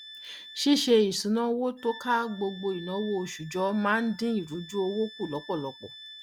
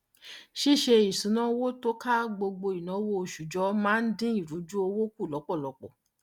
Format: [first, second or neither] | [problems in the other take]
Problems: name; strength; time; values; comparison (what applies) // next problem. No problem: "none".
second | background sound (Wind instrument, woodwind instrument); 19 dB below the speech